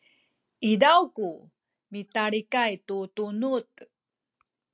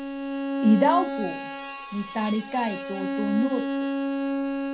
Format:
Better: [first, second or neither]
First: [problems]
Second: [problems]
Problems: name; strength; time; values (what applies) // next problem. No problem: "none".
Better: first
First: none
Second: background sound (Bowed string instrument); 2 dB below the speech // room echo; dies away in 0.3 s